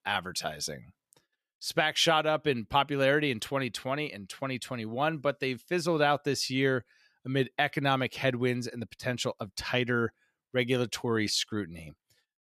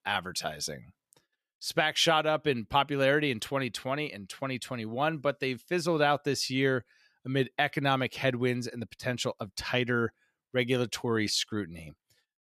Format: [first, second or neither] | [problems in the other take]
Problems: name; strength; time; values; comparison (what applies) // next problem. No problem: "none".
neither | none